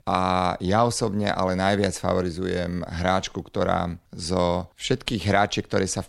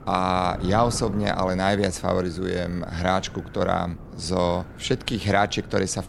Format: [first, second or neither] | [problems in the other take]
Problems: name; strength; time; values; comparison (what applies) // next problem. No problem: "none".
first | wind noise on the microphone; occasional gusts; 20 dB below the speech